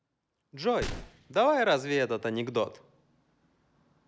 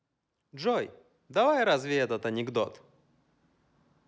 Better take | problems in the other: second | background sound (Gunshot, gunfire); 14 dB below the speech

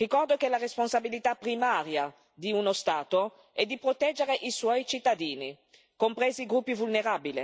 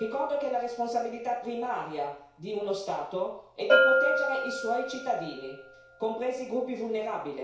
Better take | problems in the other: first | background sound (Bell); as loud as the speech // room echo; dies away in 0.6 s

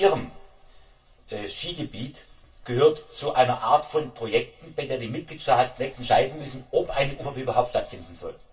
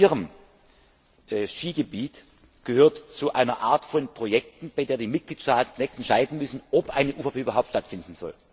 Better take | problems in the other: second | room echo; dies away in 0.2 s

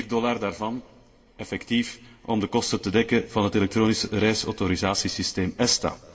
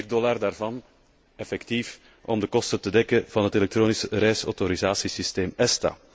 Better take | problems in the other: second | room echo; dies away in 0.4 s

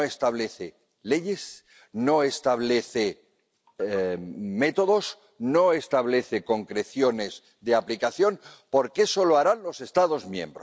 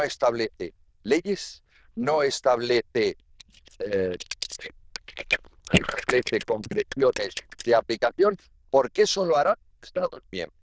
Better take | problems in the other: first | noise reduction (neural diffusion model UNIVERSE++)

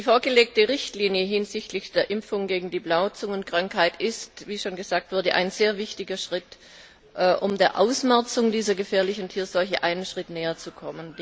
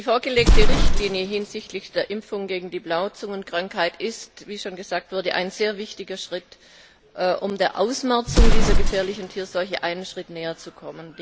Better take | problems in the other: first | background sound (Explosion); 4 dB above the speech

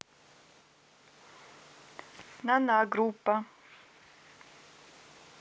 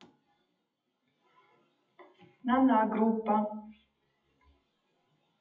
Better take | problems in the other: first | noise reduction (classical method WPE with log-MMSE)

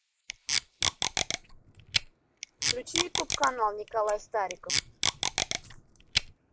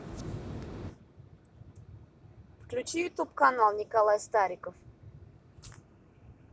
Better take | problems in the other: second | noise reduction (neural mask model Resemble Enhance denoiser)

